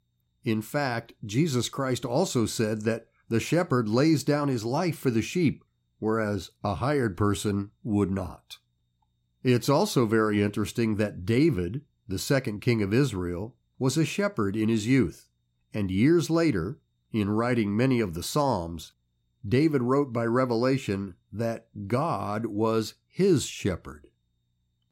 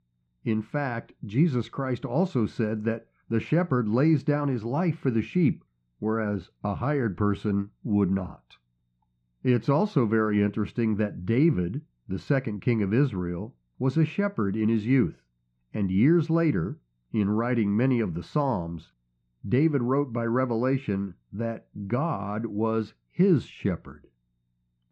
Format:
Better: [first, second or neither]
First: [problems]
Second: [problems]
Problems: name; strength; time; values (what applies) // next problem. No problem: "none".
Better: first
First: none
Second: muffled; very; fading above 2 kHz